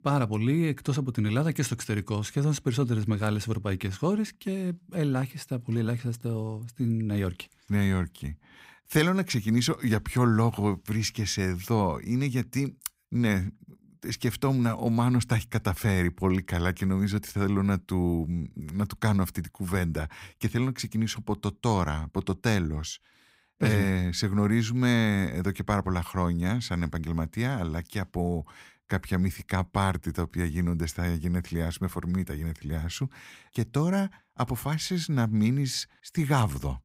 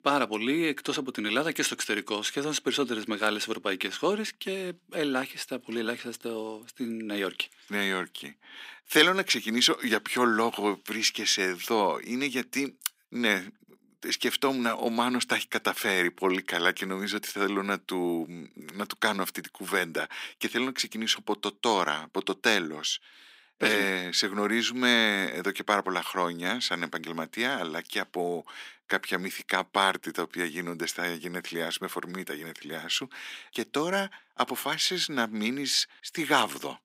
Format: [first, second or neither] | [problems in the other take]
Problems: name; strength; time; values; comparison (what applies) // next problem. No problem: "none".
first | thin; somewhat; fading below 300 Hz